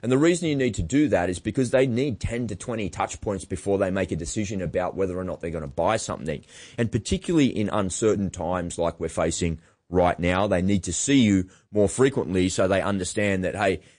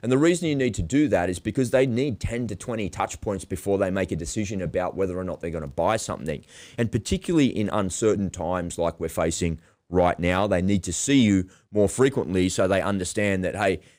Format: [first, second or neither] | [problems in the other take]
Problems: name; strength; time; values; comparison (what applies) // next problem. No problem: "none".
second | garbled, watery; slightly; nothing above 9.5 kHz